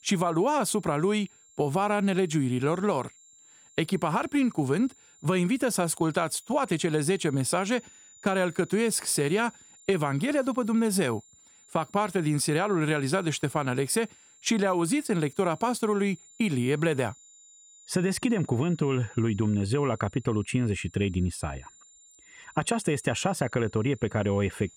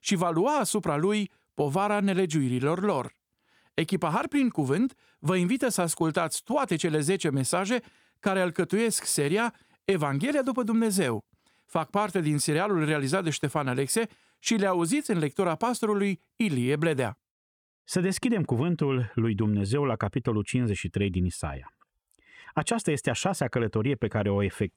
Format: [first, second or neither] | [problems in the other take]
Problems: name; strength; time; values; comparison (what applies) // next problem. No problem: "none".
second | high-pitched whine; faint; throughout; 7 kHz, 25 dB below the speech